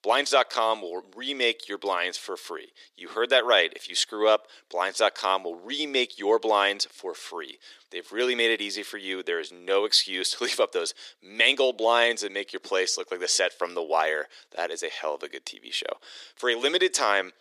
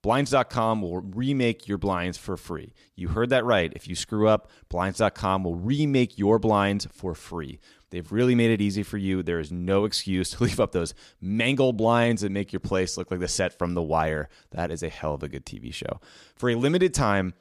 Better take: second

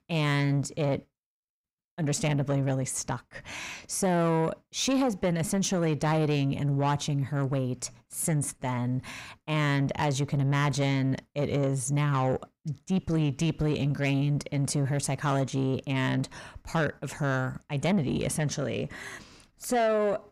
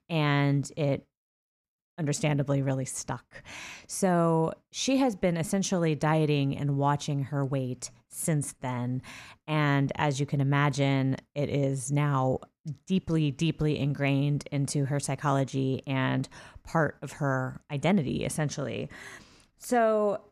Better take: second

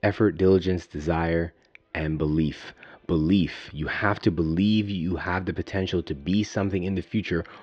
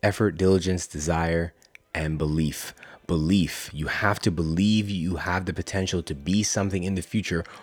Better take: second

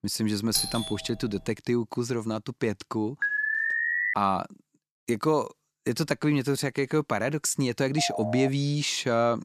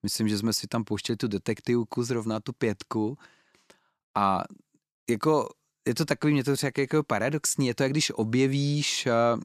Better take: second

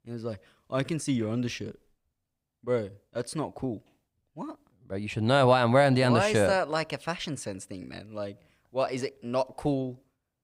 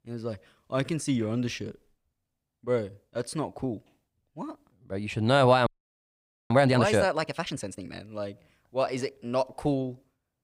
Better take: first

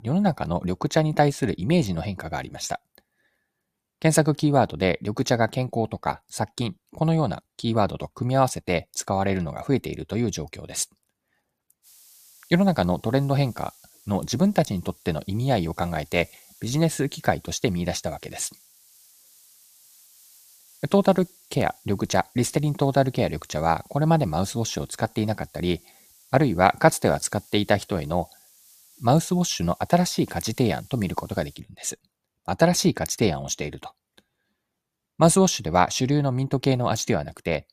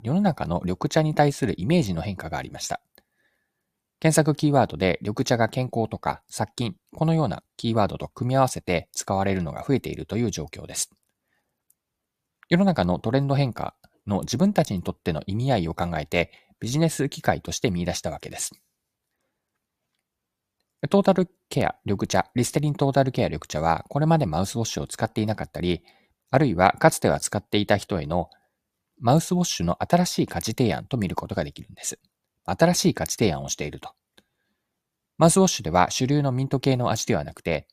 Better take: second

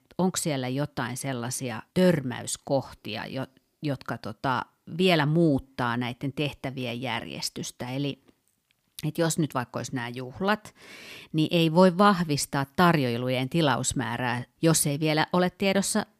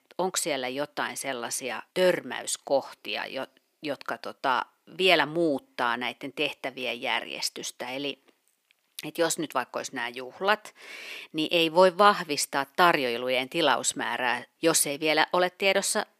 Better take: first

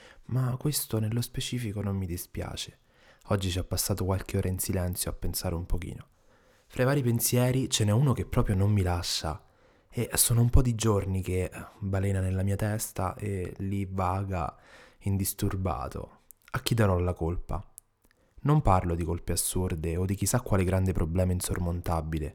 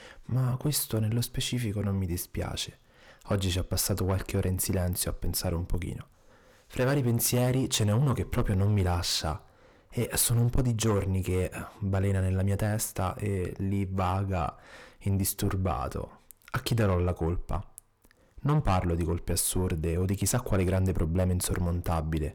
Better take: first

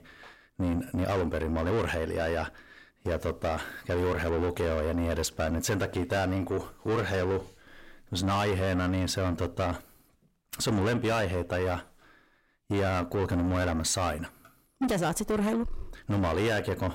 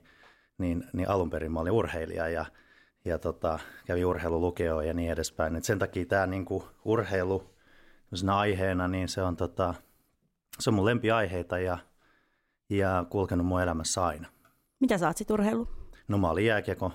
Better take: second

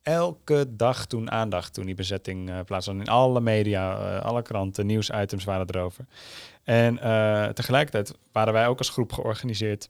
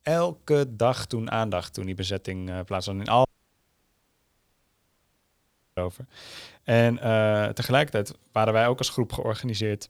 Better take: first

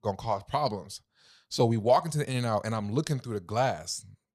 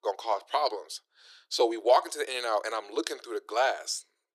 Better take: first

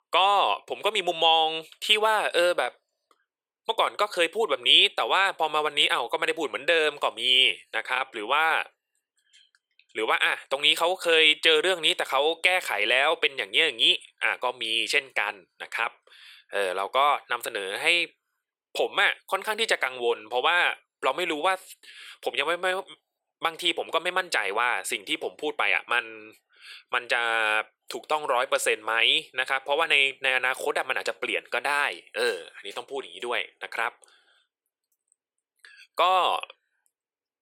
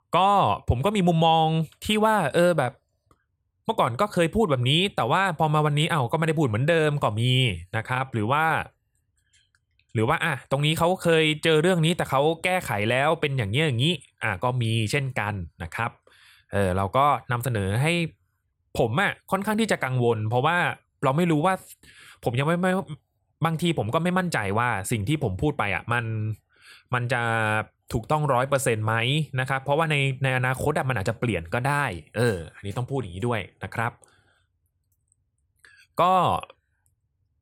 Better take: second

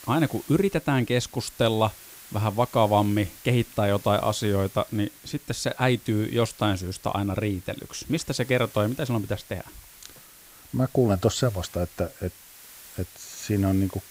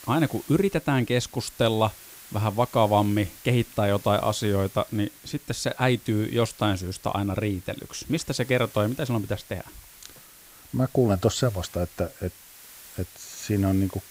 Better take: neither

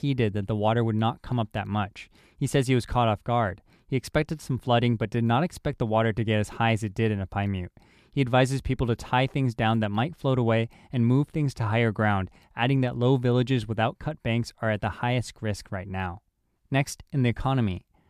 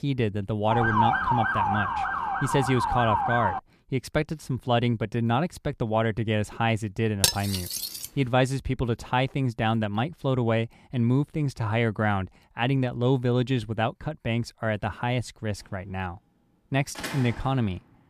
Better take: first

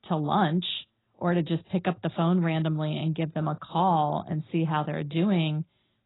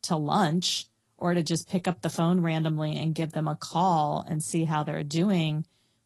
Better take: second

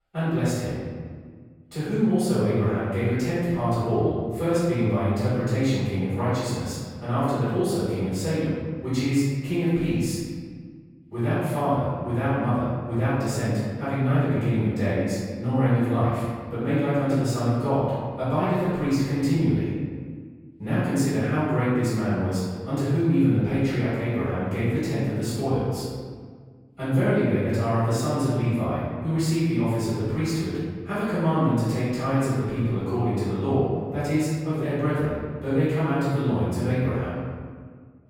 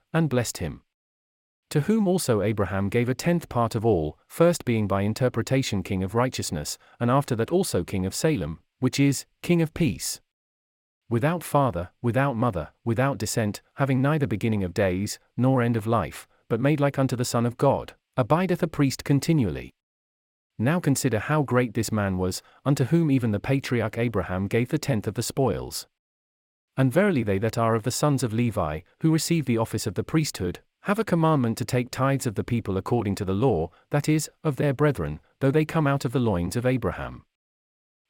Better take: second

